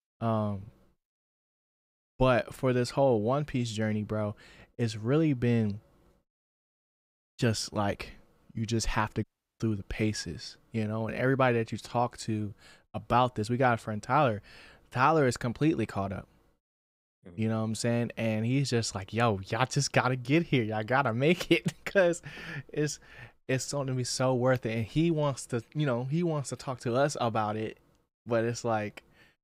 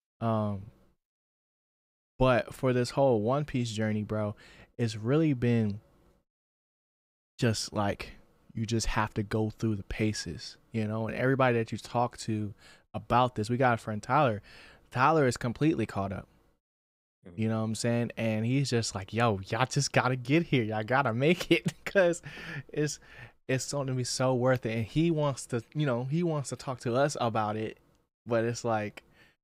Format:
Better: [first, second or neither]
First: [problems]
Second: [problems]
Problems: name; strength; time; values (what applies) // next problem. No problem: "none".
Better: second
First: audio cutting out; at 9 s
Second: none